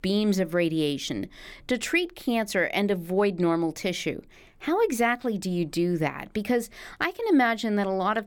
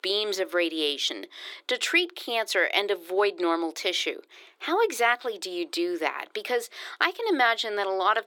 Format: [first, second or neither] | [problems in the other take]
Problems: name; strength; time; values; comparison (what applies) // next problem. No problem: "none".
first | thin; very; fading below 350 Hz